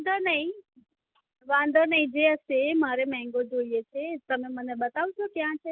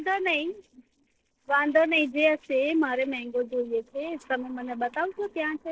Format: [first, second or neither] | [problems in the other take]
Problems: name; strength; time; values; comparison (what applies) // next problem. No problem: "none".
first | noise reduction (neural separator model SepFormer DNS4)